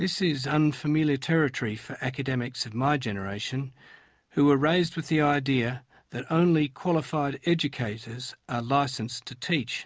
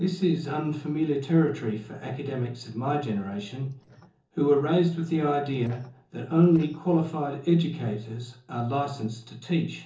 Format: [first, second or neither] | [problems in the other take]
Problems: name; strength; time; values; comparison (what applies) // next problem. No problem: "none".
first | noise reduction (neural separator model SepFormer DNS4)